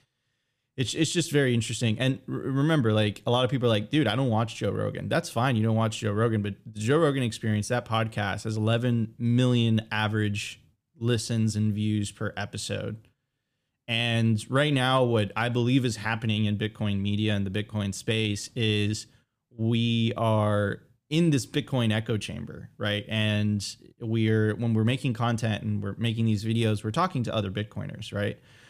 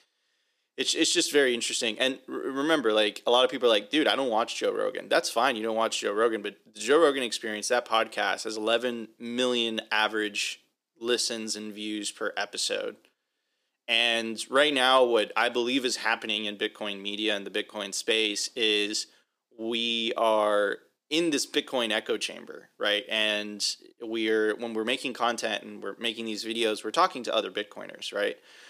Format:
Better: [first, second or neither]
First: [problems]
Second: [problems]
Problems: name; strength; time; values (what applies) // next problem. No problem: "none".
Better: first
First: none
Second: thin; very; fading below 350 Hz